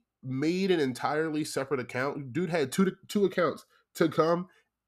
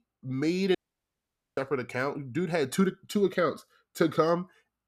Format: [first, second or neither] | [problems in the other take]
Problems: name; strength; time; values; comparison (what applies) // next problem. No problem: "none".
first | audio cutting out; at 1 s for 1 s